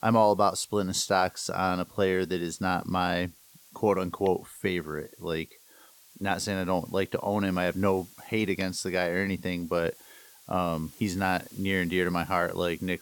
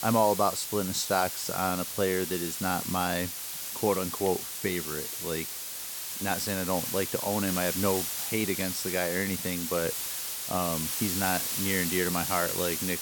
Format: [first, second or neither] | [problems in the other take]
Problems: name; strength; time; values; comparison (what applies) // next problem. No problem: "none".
first | hiss; loud; throughout; 1 dB below the speech; faint in the first